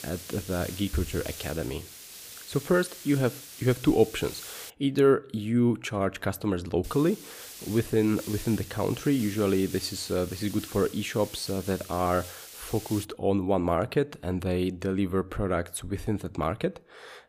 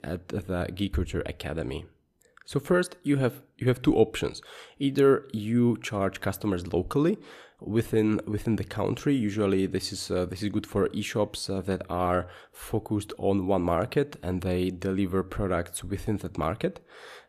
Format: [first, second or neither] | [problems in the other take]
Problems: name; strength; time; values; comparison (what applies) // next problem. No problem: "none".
second | hiss; noticeable; until 4.5 s and from 7 to 13 s; 15 dB below the speech